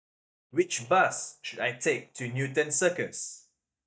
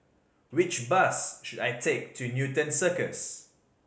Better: second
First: noise reduction (neural mask model DeepFilterNet 3)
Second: none

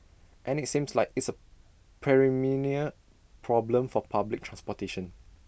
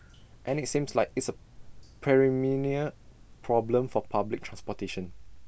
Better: first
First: none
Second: background sound (Drip); 16 dB below the speech

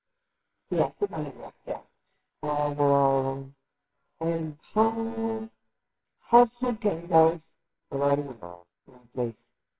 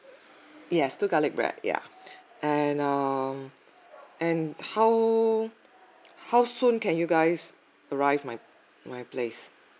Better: second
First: noise reduction (neural separator model SepFormer WHAMR!)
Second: none

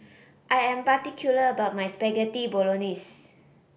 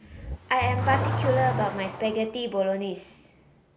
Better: first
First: none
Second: background sound (Accelerating, revving, vroom / Car); 3 dB below the speech

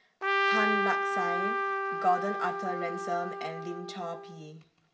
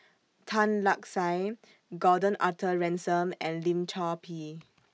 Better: second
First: background sound (Trumpet); 3 dB above the speech // room echo; dies away in 0.5 s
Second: none

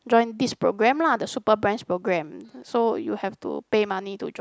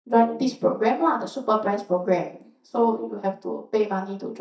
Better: first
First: none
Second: noise reduction (neural mask model DeepFilterNet 3)

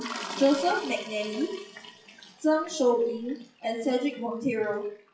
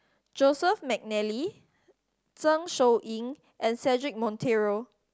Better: second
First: noise reduction (classical method WPE with log-MMSE)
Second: none

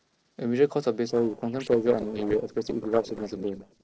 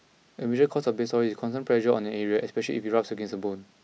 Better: second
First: noise reduction (neural separator model SepFormer DNS4)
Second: none

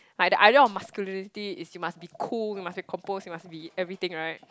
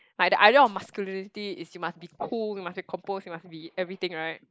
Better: first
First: none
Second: noise reduction (neural mask model Resemble Enhance denoiser)

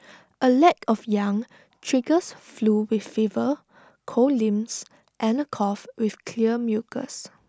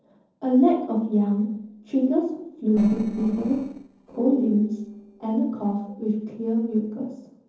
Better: first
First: none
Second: noise reduction (neural separator model SepFormer DNS4)

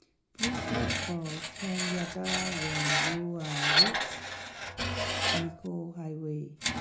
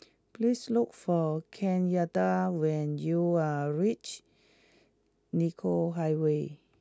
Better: second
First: background sound (Screech); 5 dB above the speech // room echo; dies away in 0.4 s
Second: none

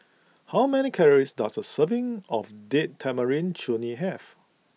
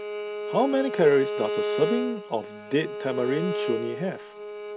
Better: first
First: none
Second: background sound (Bowed string instrument); 4 dB below the speech

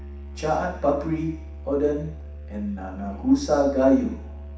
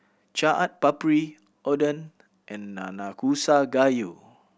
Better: second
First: background sound (Musical instrument); 12 dB below the speech // room echo; dies away in 0.7 s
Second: none

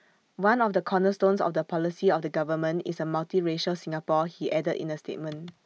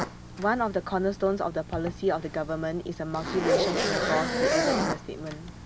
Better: first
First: none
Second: background sound (Zipper (clothing)); 1 dB below the speech

